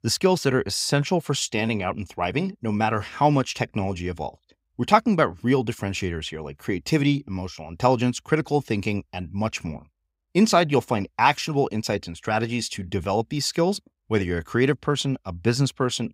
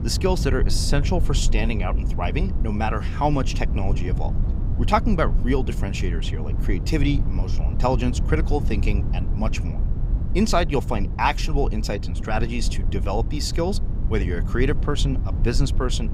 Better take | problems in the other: first | low rumble; noticeable; throughout; 15 dB below the speech

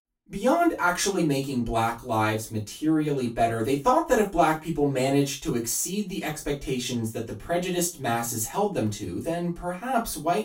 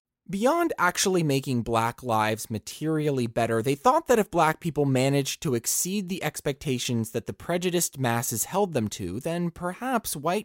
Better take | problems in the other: second | off-mic speech; far // room echo; very slight; dies away in 0.2 s

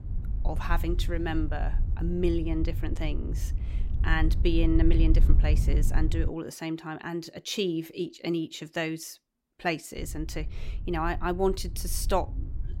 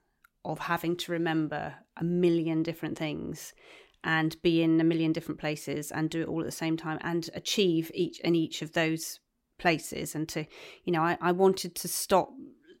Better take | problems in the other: second | wind noise on the microphone; occasional gusts; until 6.5 s and from 10 s on; 15 dB below the speech

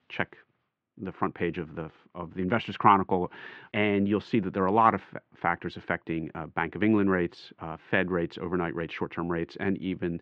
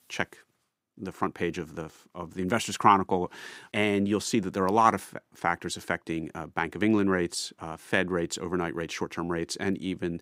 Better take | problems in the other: second | muffled; very; fading above 3 kHz

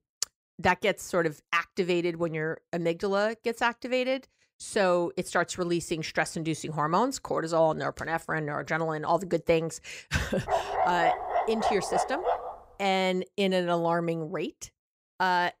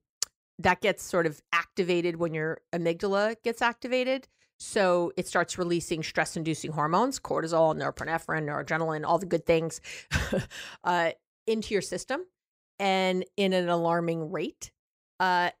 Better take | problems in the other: second | dog barking; loud; from 10 to 13 s; peak 2 dB above the speech

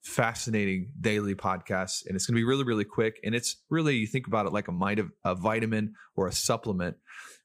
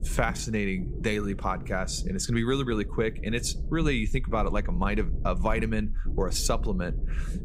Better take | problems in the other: first | low rumble; noticeable; throughout; 20 dB below the speech

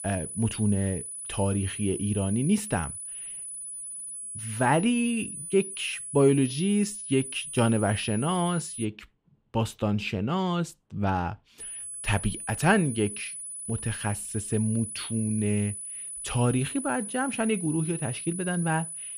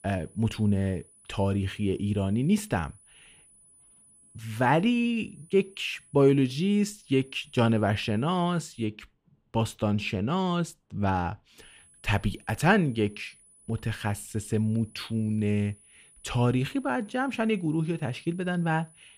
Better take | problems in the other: second | high-pitched whine; loud; until 9 s and from 12 s on; 10 kHz, 7 dB below the speech; faint in the second

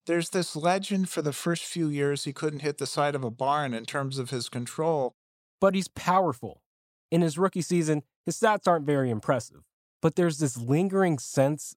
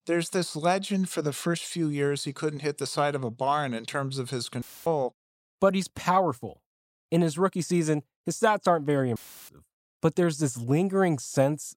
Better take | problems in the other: first | audio cutting out; filled with static; at 4.5 s and at 9 s

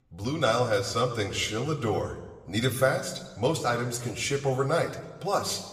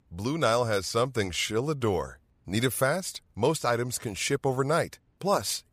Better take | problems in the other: second | room echo; slight; dies away in 1 s // off-mic speech; somewhat distant

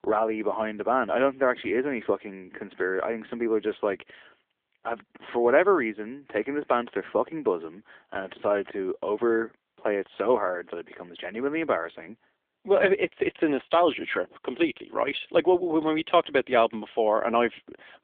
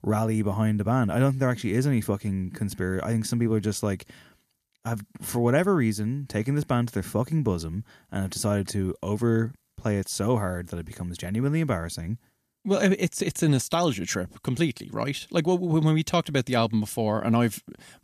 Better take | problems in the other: second | phone-call audio; nothing above 3.5 kHz

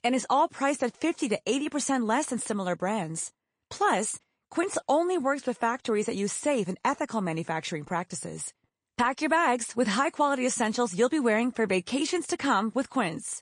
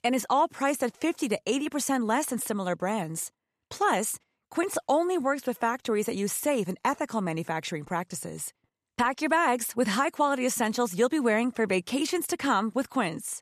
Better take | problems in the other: second | garbled, watery; slightly

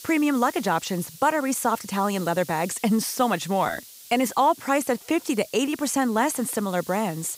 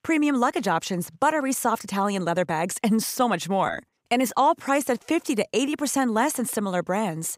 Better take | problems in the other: second | hiss; noticeable; throughout; 20 dB below the speech

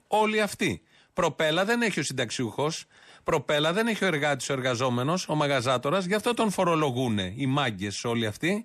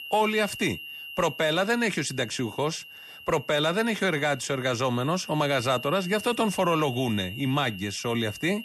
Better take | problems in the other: first | high-pitched whine; noticeable; throughout; 3 kHz, 15 dB below the speech

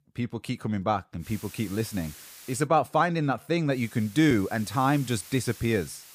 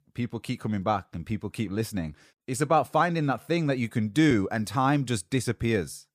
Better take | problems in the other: second | hiss; noticeable; from 1 to 2.5 s and from 3.5 s on; 20 dB below the speech

